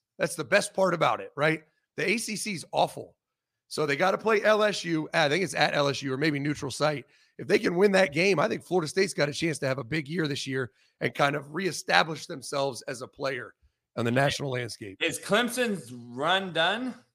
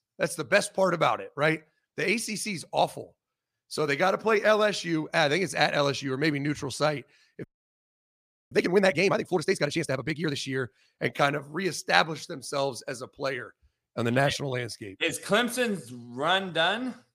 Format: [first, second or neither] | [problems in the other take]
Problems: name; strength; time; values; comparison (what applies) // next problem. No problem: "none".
first | audio freezing; at 7.5 s for 1 s